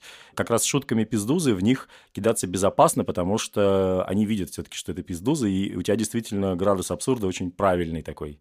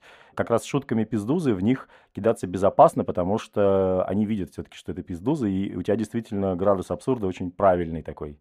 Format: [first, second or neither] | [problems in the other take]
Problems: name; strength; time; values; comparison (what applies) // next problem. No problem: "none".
first | muffled; very; fading above 3 kHz